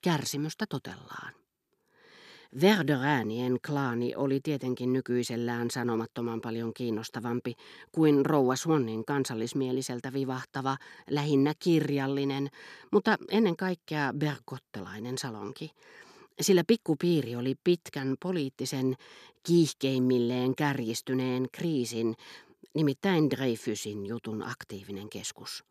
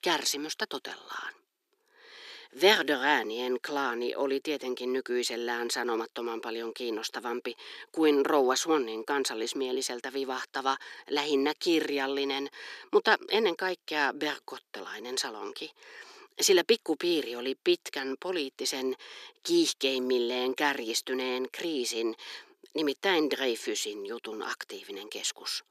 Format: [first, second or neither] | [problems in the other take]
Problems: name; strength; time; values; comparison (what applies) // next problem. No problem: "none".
first | thin; somewhat; fading below 350 Hz